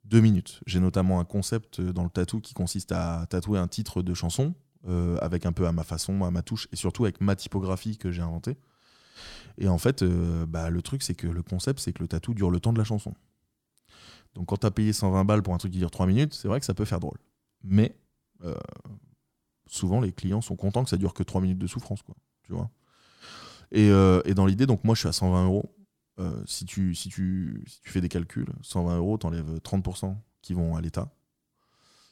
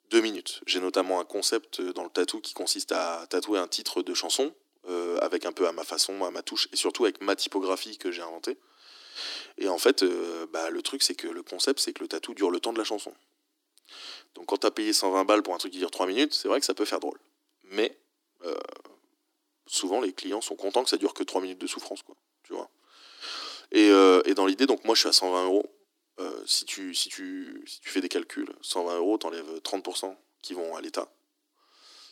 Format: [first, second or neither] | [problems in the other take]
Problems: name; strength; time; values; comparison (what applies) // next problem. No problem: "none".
first | thin; very; fading below 300 Hz